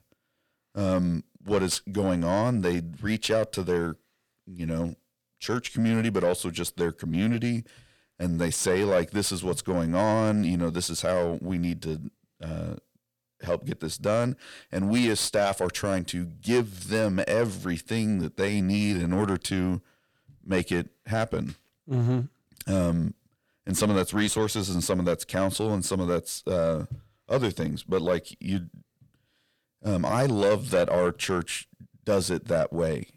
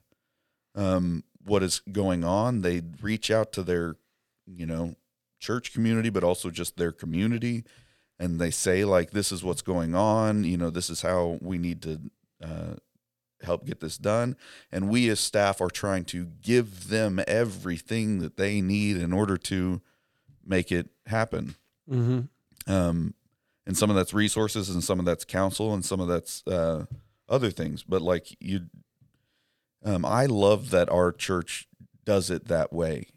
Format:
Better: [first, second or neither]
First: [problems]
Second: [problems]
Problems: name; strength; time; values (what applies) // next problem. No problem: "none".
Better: second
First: distortion; slight; 10 dB below the speech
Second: none